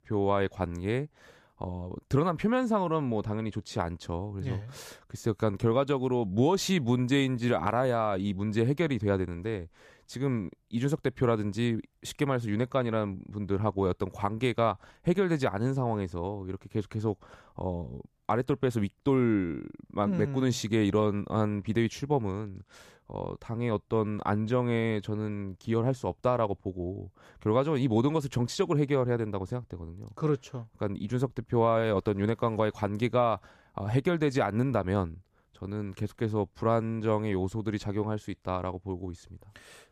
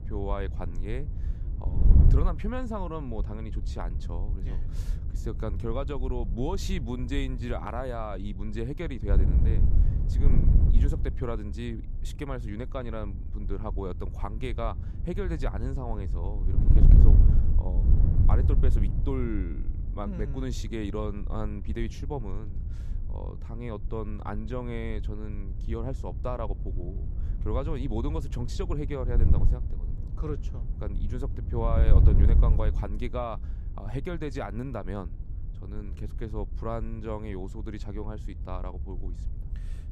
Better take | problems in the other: first | wind noise on the microphone; heavy; 8 dB below the speech

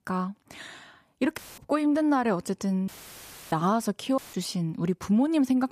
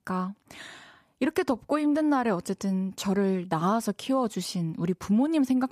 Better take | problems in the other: second | audio cutting out; filled with static; at 1.5 s, at 3 s for 0.5 s and at 4 s

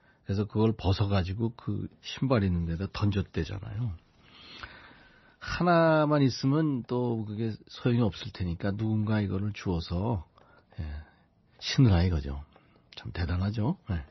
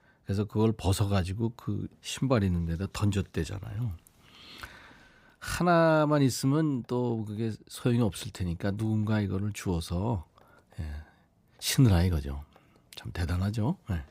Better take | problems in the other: second | garbled, watery; slightly; nothing above 6 kHz

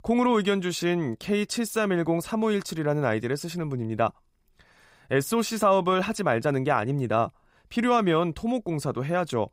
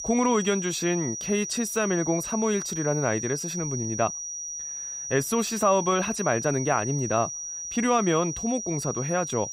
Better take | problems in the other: first | high-pitched whine; loud; throughout; 6 kHz, 5 dB below the speech

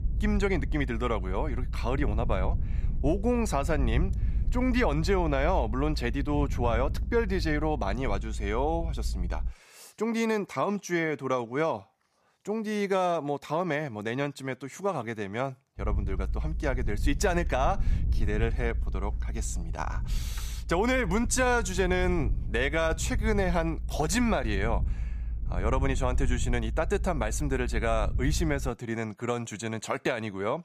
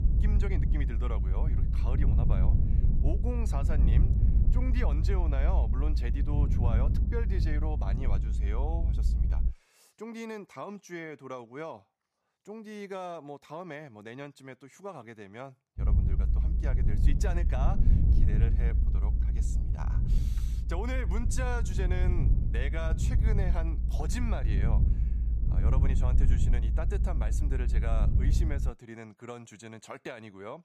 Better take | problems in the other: first | low rumble; loud; until 9.5 s and from 16 to 29 s; 4 dB below the speech; faint in the first

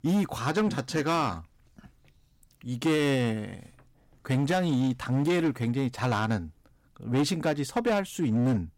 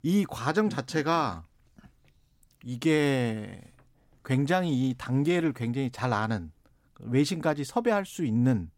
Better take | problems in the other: second | distortion; slight; 9% of the sound clipped

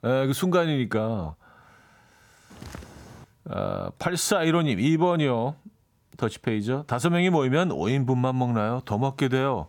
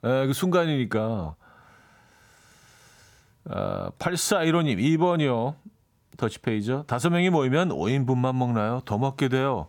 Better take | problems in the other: second | footsteps; faint; at 2.5 s; peak 15 dB below the speech

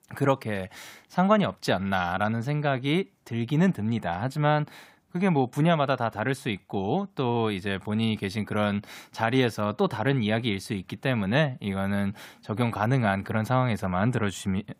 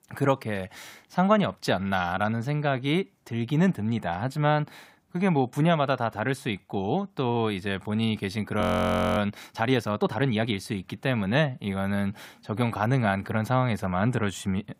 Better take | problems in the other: first | audio freezing; at 8.5 s for 0.5 s

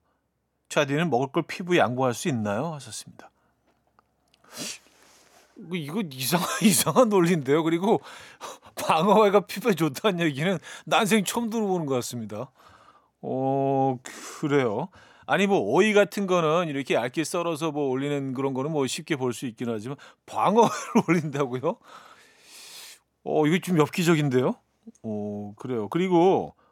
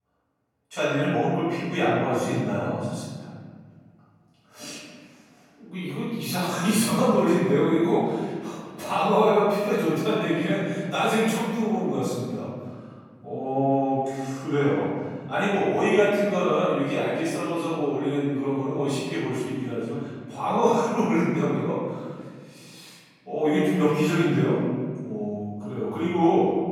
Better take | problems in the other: first | room echo; strong; dies away in 1.9 s // off-mic speech; far

